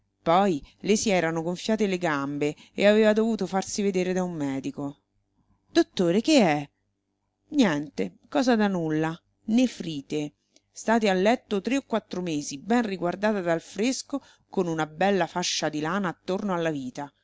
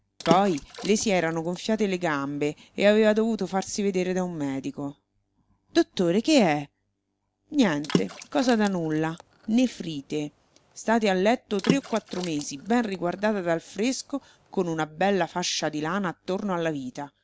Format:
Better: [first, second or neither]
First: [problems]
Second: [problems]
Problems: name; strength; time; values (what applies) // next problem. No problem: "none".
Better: first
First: none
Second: background sound (Water / Splash, splatter); 10 dB below the speech